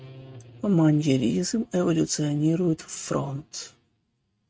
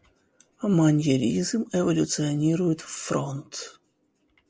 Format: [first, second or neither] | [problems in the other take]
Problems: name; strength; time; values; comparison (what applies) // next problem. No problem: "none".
second | noise reduction (neural mask model RNNoise)